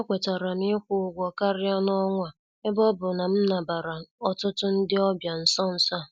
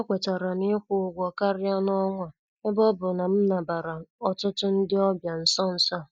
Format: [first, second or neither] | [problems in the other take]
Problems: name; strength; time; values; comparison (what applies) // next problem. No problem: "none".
first | noise reduction (neural mask model DeepFilterNet 3)